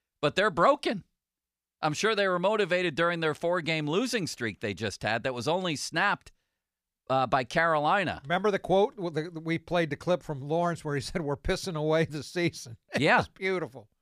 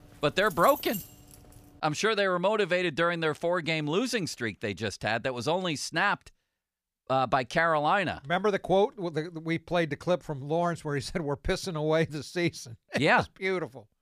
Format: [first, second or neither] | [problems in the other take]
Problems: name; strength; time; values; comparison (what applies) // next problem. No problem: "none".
first | jangling keys; noticeable; until 2 s; peak 9 dB below the speech